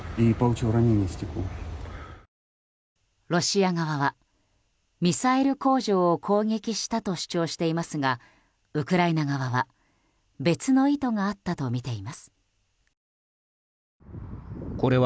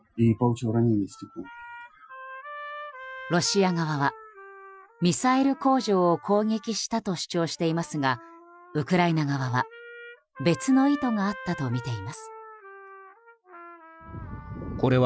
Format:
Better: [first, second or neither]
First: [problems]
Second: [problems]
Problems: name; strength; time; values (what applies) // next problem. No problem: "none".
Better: first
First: none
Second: noise reduction (classical method Wiener filter)